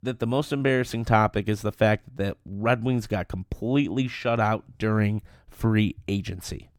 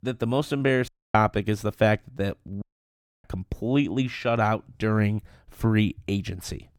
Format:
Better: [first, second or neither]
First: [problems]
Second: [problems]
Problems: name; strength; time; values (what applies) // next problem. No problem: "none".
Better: first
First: none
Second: audio cutting out; at 1 s and at 2.5 s for 0.5 s